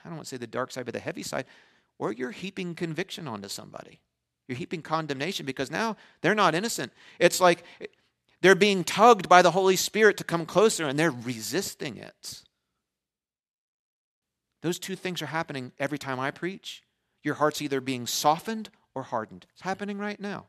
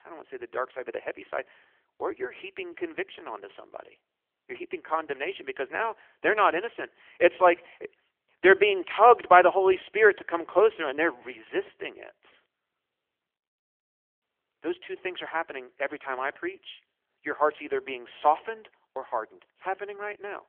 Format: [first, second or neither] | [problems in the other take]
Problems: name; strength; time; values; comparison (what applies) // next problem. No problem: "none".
first | phone-call audio; nothing above 3.5 kHz